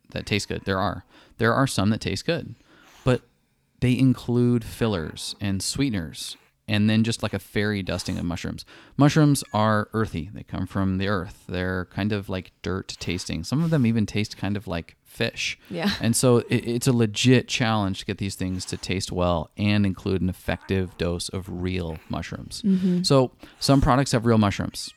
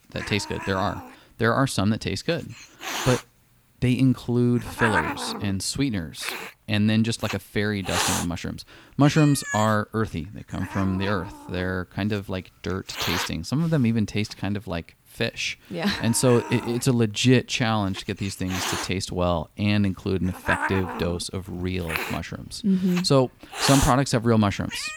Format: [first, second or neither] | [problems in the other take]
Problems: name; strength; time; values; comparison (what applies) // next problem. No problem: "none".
first | hiss; loud; throughout; 6 dB below the speech; faint in the first